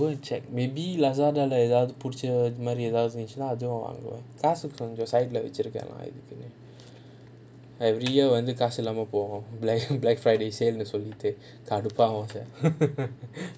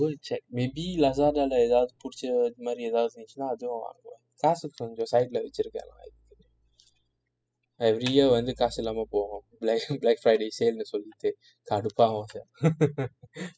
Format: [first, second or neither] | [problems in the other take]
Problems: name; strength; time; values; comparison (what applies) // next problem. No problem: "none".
first | noise reduction (classical method spectral subtraction)